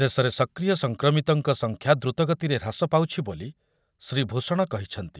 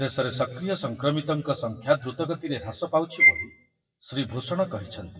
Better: first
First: none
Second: noise reduction (classical method WPE with log-MMSE)

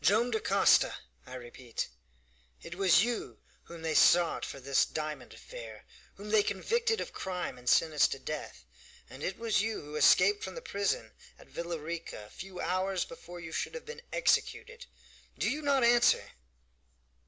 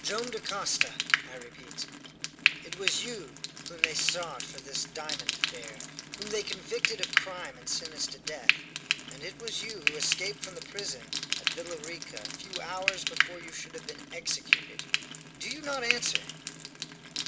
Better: first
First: none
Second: background sound (Frying (food)); 4 dB above the speech

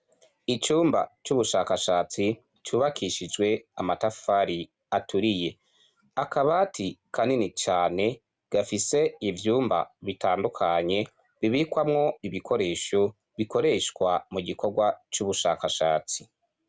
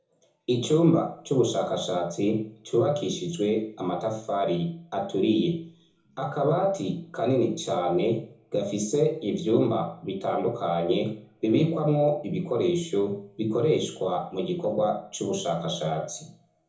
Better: first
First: none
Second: room echo; dies away in 0.6 s

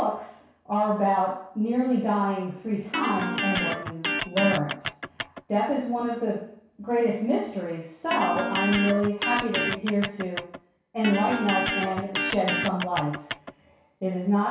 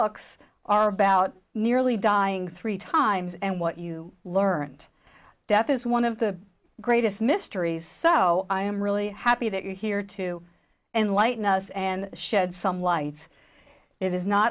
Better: second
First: background sound (Electric guitar); 3 dB below the speech // room echo; dies away in 0.6 s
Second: none

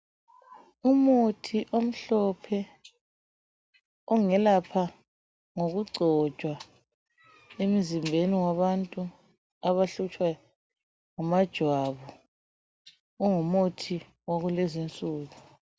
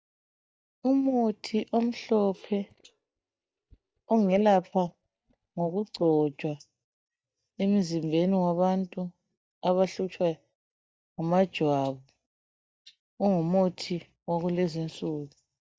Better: first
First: none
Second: noise reduction (neural mask model DeepFilterNet 3)

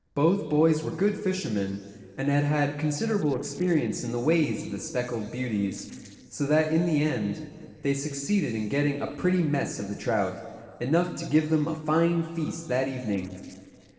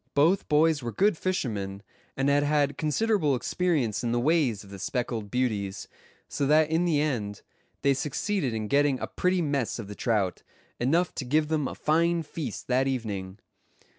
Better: second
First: noise reduction (neural separator model SepFormer DNS4)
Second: none

